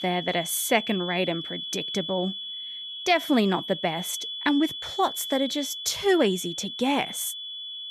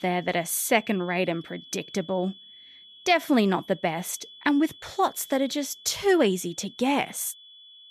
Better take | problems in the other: second | high-pitched whine; loud; throughout; 3.5 kHz, 6 dB below the speech; faint in the second

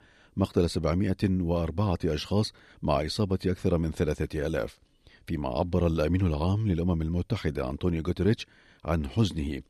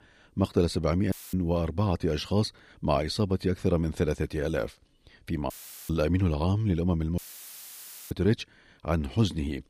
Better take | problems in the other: first | audio cutting out; filled with static; at 1 s, at 5.5 s and at 7 s for 1 s

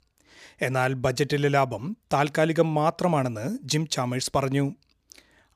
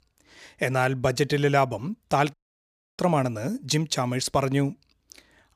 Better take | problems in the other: first | audio cutting out; at 2.5 s for 0.5 s

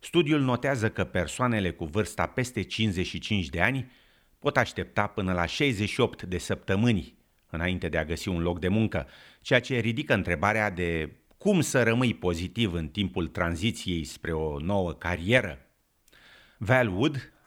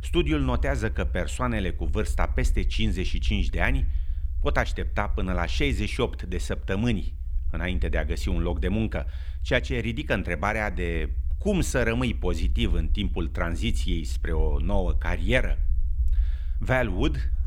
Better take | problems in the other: first | low rumble; faint; throughout; 25 dB below the speech

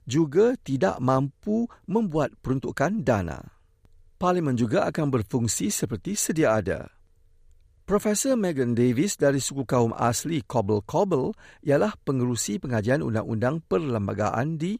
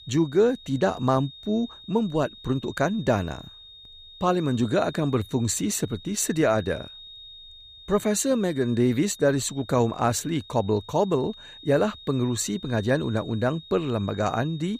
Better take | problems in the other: first | high-pitched whine; noticeable; throughout; 3.5 kHz, 20 dB below the speech

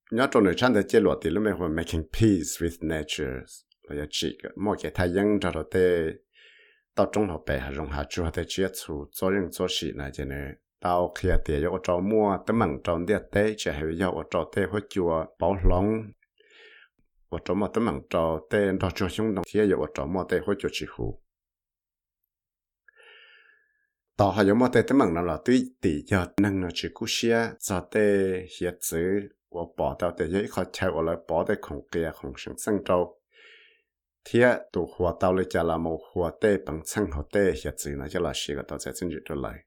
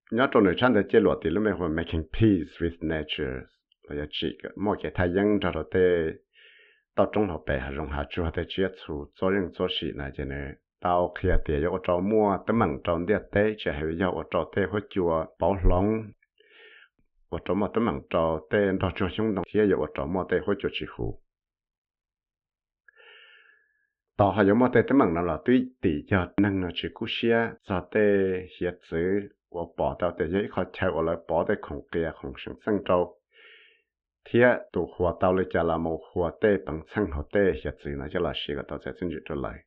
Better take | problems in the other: first | muffled; very; fading above 3 kHz

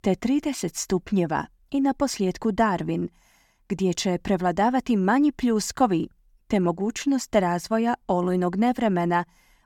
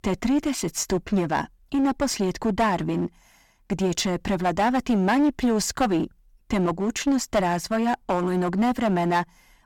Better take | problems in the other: first | distortion; heavy; 12% of the sound clipped

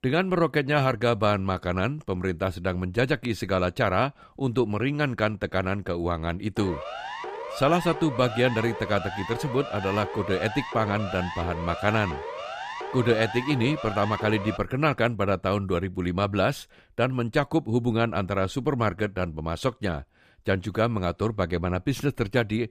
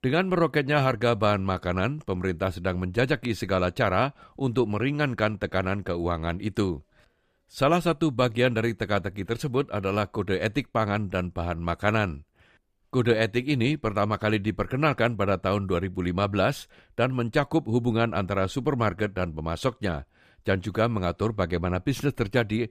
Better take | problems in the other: second | siren; noticeable; from 6.5 to 15 s; peak 8 dB below the speech

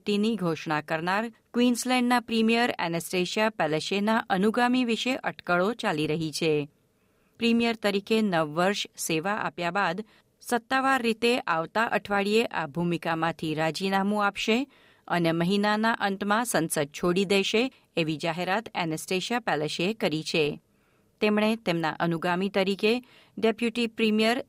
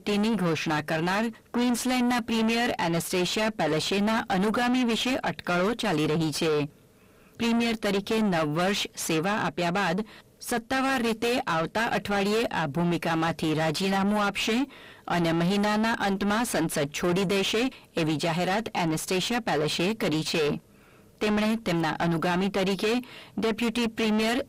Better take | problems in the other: first | distortion; heavy; 5 dB below the speech

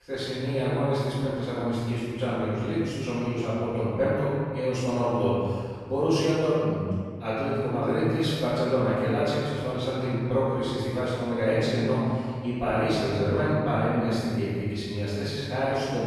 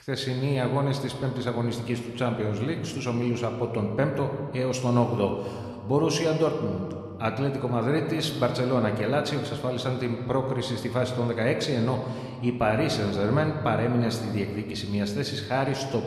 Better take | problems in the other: second | room echo; strong; dies away in 1.7 s; slight in the second // off-mic speech; far

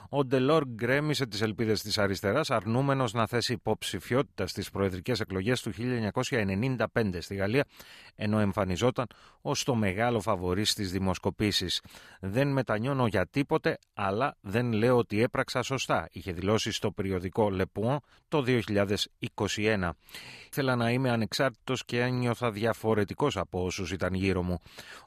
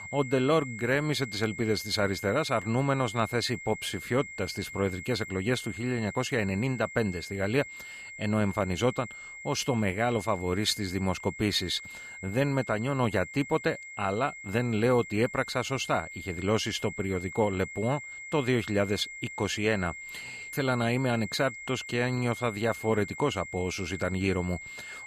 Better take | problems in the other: first | high-pitched whine; noticeable; throughout; 2 kHz, 10 dB below the speech

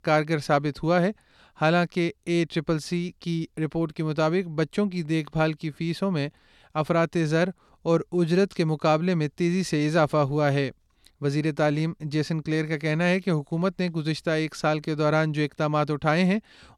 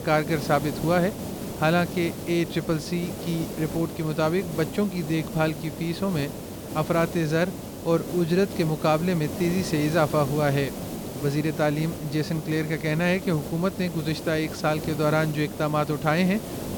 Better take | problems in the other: first | hiss; loud; throughout; 9 dB below the speech

